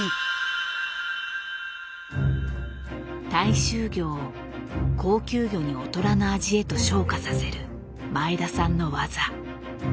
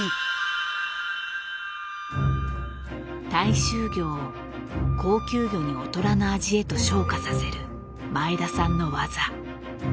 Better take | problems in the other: first | background sound (Wind instrument, woodwind instrument); 13 dB below the speech

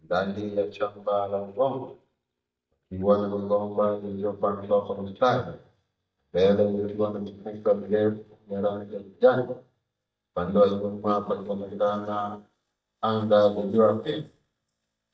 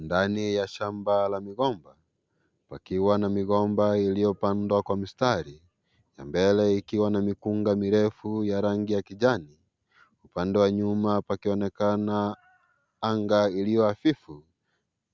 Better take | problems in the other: second | noise reduction (neural mask model DeepFilterNet 3)

